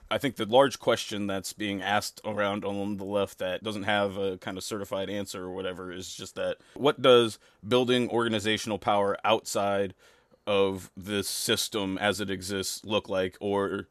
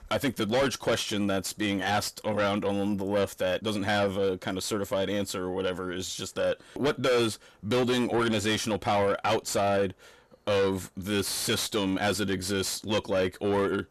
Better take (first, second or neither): first